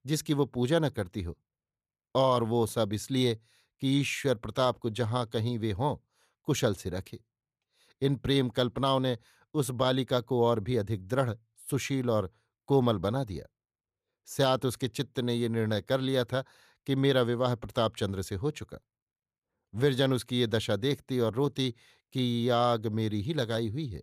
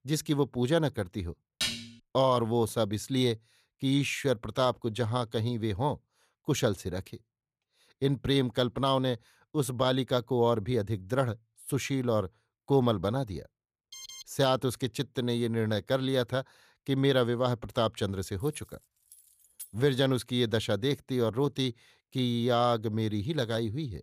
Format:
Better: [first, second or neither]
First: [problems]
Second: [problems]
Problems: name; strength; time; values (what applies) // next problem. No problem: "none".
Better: first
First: none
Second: clattering dishes; noticeable; at 1.5 s; peak 2 dB below the speech // alarm; faint; at 14 s; peak 15 dB below the speech // jangling keys; faint; from 18 to 20 s; peak 15 dB below the speech